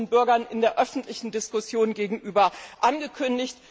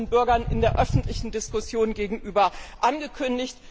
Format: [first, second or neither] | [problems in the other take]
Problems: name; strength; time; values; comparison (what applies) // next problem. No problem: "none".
first | background sound (Walk, footsteps); 6 dB below the speech